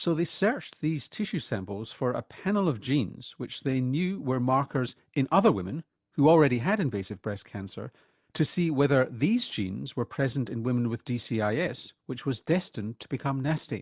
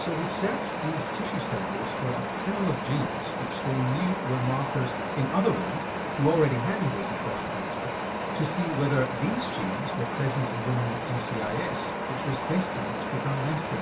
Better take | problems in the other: first | background sound (Wind); 1 dB below the speech // room echo; dies away in 0.2 s

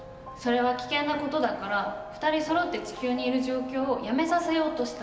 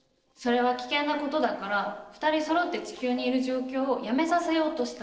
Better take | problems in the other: first | noise reduction (neural separator model SepFormer DNS4)

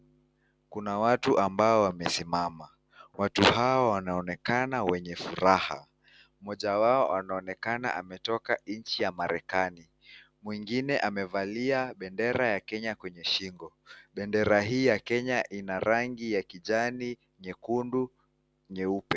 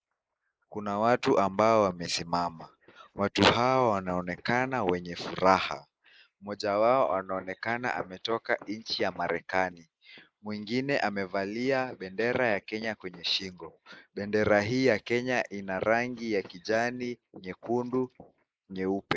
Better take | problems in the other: first | noise reduction (neural mask model Resemble Enhance denoiser)

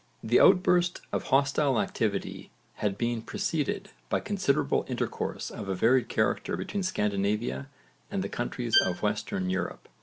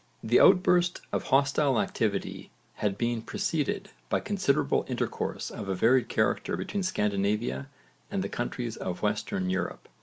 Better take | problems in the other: second | background sound (Bowed string instrument); 5 dB below the speech

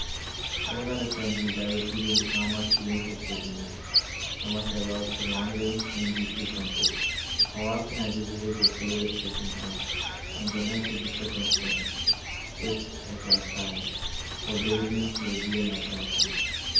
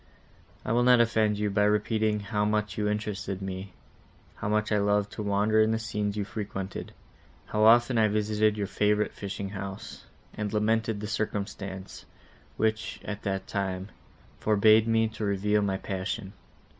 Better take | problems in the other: second | background sound (Bird); 3 dB above the speech // room echo; dies away in 0.8 s

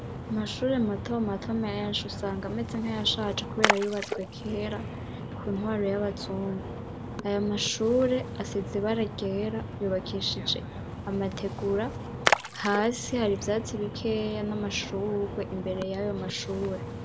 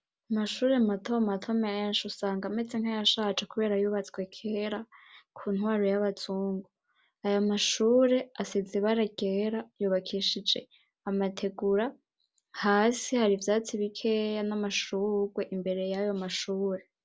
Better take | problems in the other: second | background sound (Splash, splatter); 4 dB below the speech

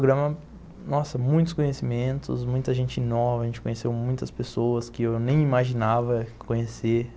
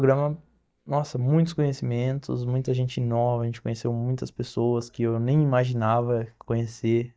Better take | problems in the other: first | noise reduction (neural mask model DeepFilterNet 3)

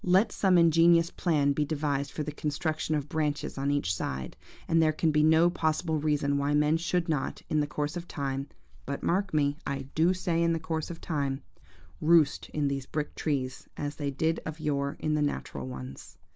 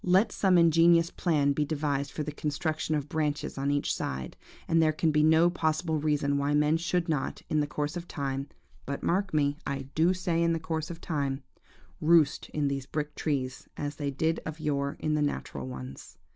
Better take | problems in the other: second | background sound (Walk, footsteps); 18 dB below the speech

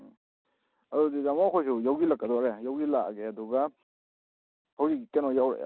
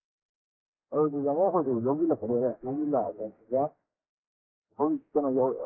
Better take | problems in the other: first | noise reduction (neural mask model Resemble Enhance denoiser)

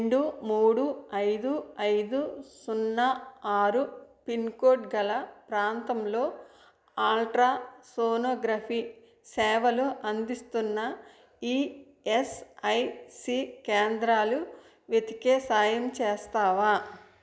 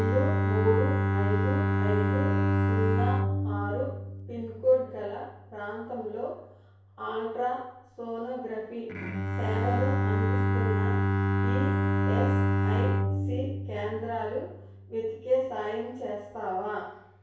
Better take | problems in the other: first | background sound (Bowed string instrument); 4 dB above the speech // room echo; dies away in 0.6 s

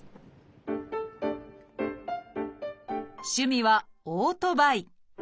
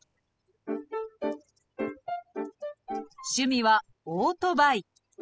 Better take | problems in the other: first | noise reduction (classical method spectral subtraction)

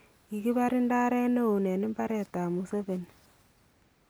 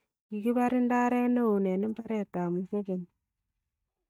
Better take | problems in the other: first | noise reduction (neural mask model DeepFilterNet 3)

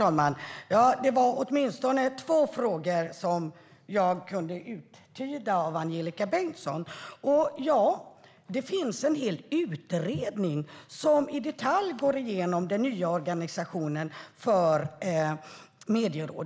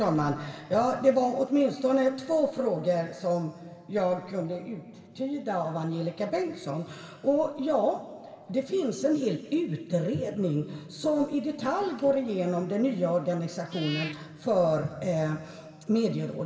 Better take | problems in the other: first | background sound (Meow / Purr); 17 dB below the speech // room echo; dies away in 1.8 s

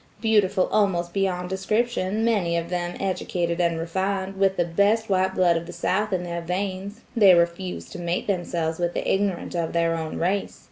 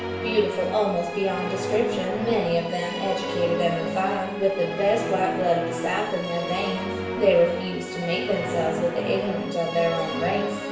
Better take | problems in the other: first | background sound (Musical instrument); 5 dB below the speech // room echo; dies away in 0.8 s

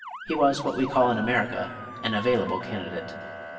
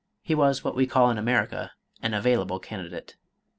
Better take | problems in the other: second | background sound (Motor vehicle (road) / Siren); 12 dB below the speech // room echo; dies away in 2.5 s

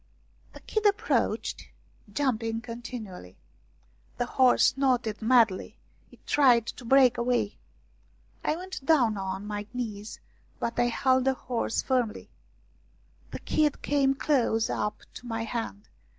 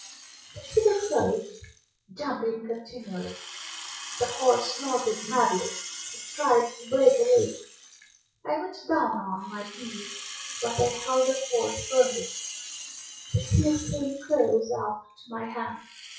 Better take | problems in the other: first | noise reduction (classical method WPE with log-MMSE)

